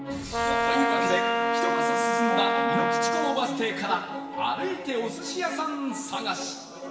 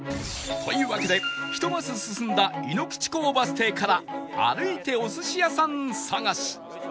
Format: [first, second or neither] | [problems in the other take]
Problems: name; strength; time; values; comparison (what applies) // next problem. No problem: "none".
second | background sound (Brass instrument); 4 dB above the speech // room echo; dies away in 1.2 s